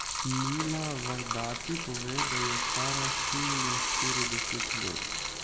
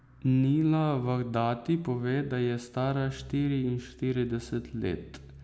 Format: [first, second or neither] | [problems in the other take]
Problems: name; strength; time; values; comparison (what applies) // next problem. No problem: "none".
second | background sound (Bathtub (filling or washing)); 4 dB above the speech